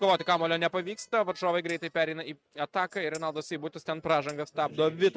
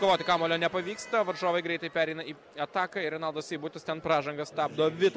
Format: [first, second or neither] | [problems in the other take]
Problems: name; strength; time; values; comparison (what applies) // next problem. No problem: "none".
second | noise reduction (neural mask model RNNoise)